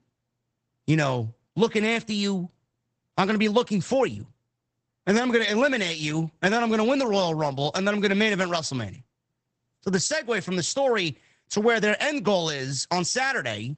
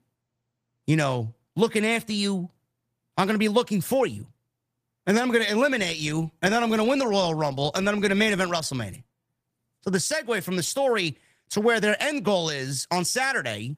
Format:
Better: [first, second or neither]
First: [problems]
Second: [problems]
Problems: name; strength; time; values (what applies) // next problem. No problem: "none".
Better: second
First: garbled, watery; badly; nothing above 8 kHz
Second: garbled, watery; slightly; nothing above 15 kHz